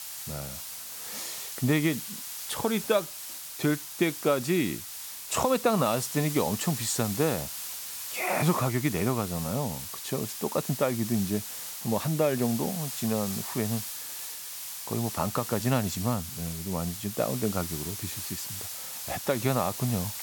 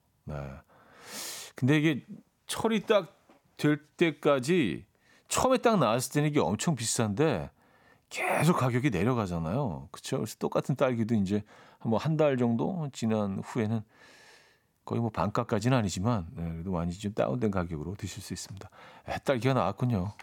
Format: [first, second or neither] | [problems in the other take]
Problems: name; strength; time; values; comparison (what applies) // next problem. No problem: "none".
second | hiss; loud; throughout; 6 dB below the speech